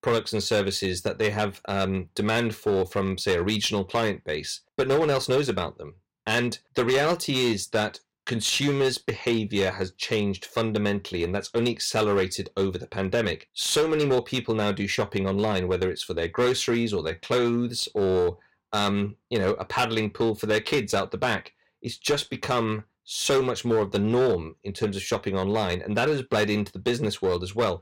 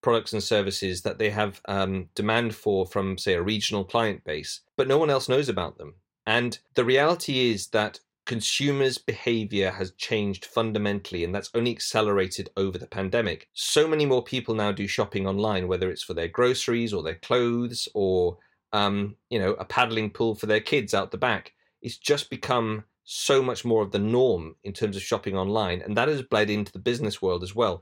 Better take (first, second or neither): second